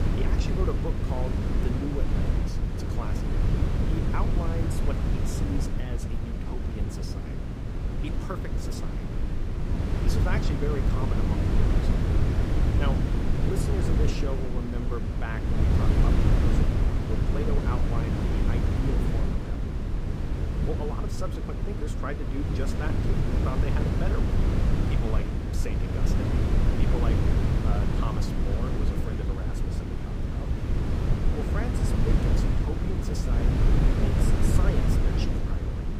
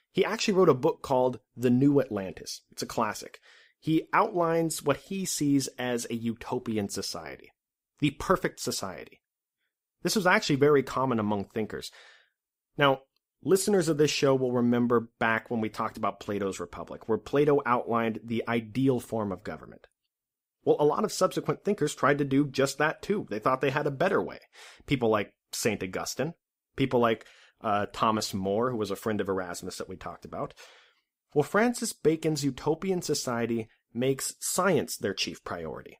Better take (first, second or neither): second